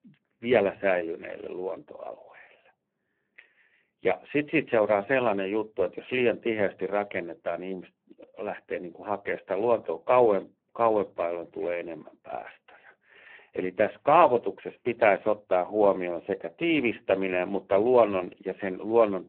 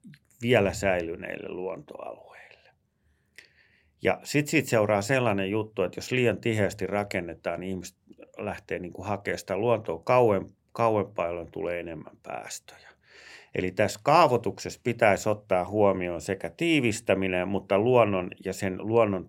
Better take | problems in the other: second | phone-call audio; poor line

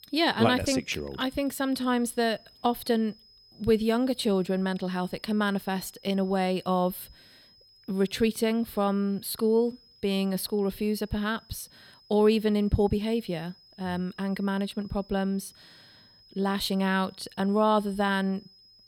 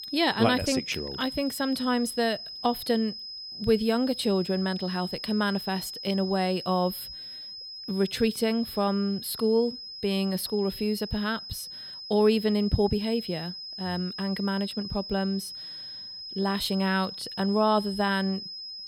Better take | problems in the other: first | high-pitched whine; loud; throughout; 5 kHz, 9 dB below the speech; faint in the first

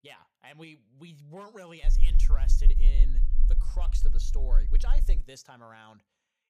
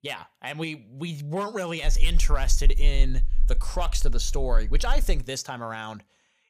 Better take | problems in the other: second | low rumble; loud; from 2 to 5 s; 7 dB below the speech; faint in the second

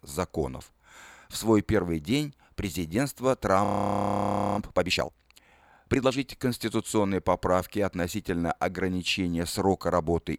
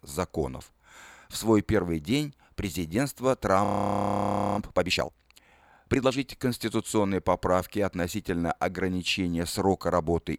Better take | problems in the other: neither | audio freezing; at 3.5 s for 1 s; the same in both

